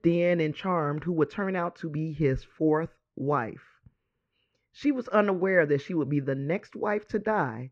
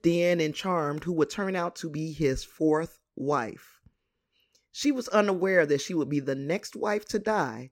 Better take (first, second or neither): second